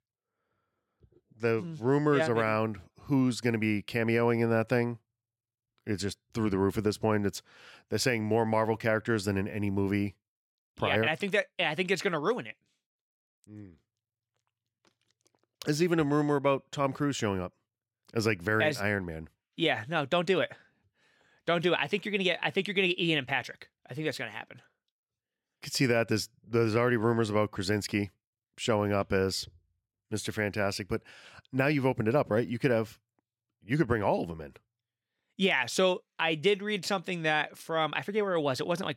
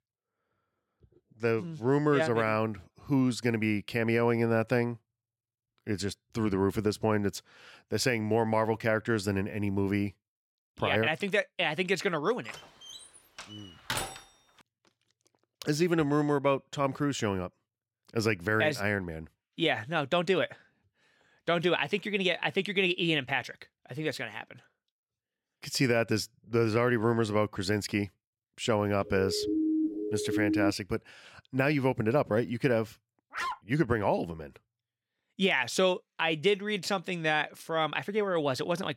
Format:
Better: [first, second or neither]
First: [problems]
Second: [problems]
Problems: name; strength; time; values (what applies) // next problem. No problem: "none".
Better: first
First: none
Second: door banging; noticeable; from 12 to 14 s; peak 4 dB below the speech // siren; loud; from 29 to 31 s; peak 1 dB above the speech // dog barking; noticeable; at 33 s; peak 6 dB below the speech